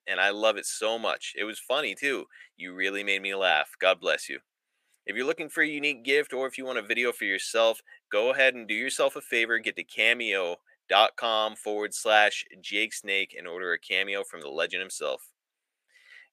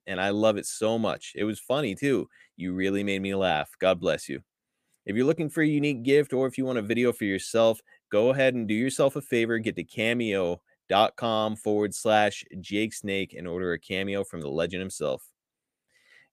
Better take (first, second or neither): second